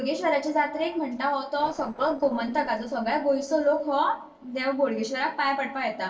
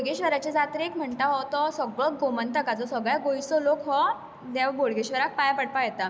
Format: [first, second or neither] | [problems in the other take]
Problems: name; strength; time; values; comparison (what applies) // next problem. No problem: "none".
second | noise reduction (neural separator model SepFormer DNS4)